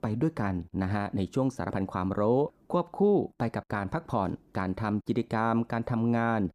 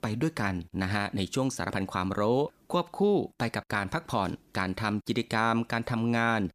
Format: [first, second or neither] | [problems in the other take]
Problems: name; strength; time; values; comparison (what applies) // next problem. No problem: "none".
second | muffled; slightly; fading above 1.5 kHz